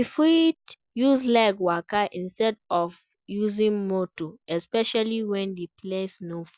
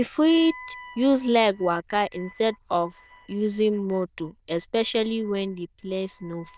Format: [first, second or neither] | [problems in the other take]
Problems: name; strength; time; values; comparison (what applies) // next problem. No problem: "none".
first | noise reduction (neural diffusion model UNIVERSE++)